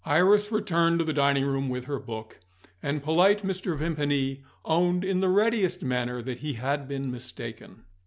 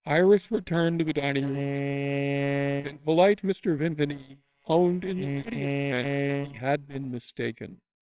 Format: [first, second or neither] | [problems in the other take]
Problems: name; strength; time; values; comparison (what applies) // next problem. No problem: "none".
first | noise reduction (neural separator model SepFormer WHAMR!)